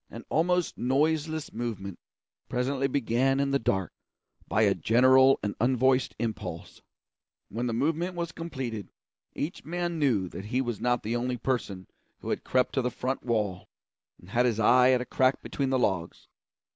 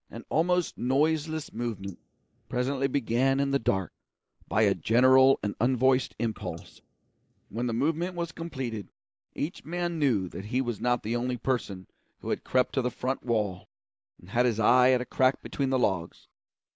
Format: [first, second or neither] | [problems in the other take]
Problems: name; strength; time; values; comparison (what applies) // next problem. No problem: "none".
first | noise reduction (neural mask model Resemble Enhance denoiser)